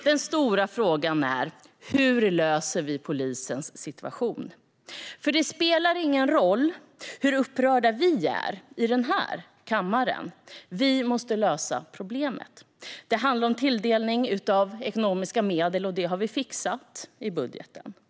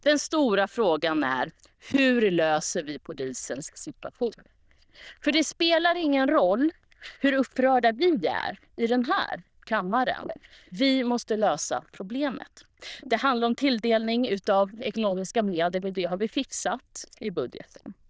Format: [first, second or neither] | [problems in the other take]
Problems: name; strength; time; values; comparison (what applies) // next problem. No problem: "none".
first | noise reduction (neural diffusion model UNIVERSE++)